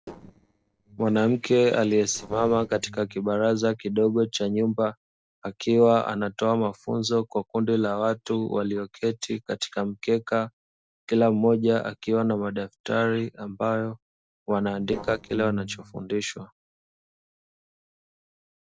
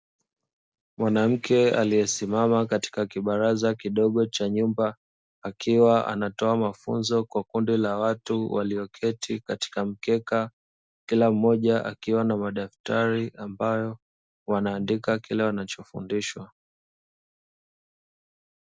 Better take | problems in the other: second | noise reduction (neural separator model SepFormer DNS4)

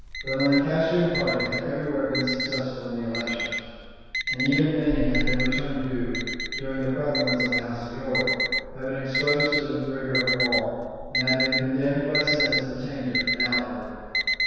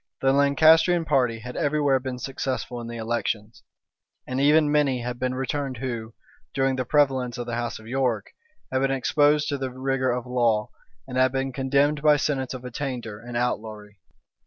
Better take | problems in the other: second | background sound (Alarm); 2 dB below the speech // room echo; dies away in 2 s

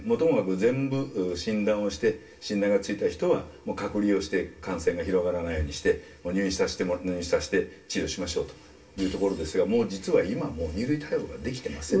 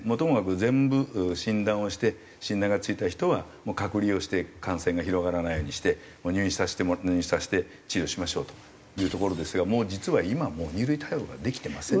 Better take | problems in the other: second | room echo; dies away in 0.2 s

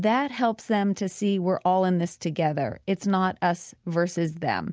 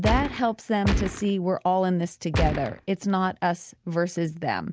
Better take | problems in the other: first | background sound (Gunshot, gunfire); 1 dB below the speech

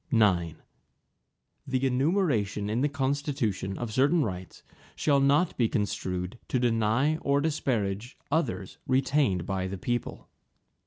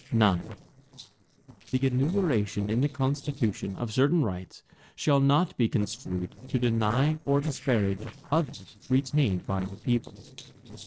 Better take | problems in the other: first | noise reduction (neural separator model SepFormer DNS4)

